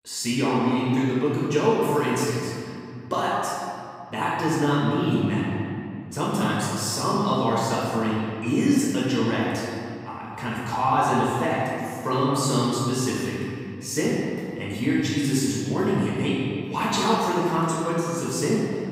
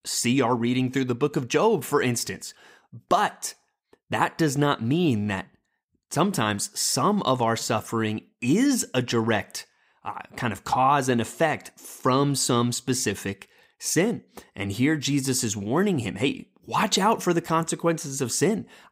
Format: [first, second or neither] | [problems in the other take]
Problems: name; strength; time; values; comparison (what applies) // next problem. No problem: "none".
second | off-mic speech; far // room echo; strong; dies away in 2.3 s